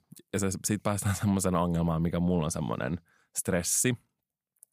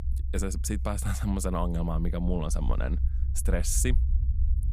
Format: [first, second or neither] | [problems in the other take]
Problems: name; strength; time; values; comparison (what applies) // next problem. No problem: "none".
first | low rumble; noticeable; throughout; 15 dB below the speech